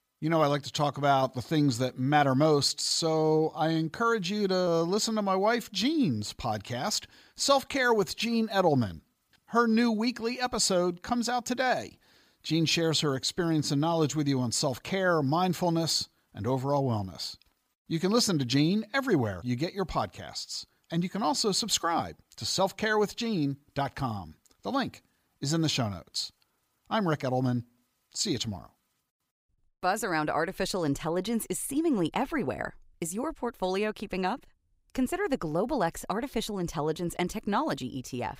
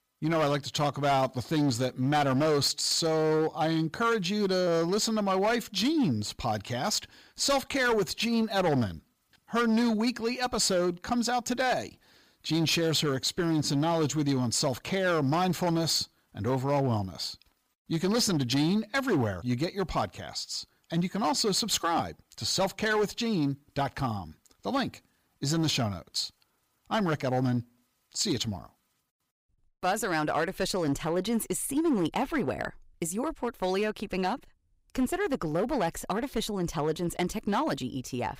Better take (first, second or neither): first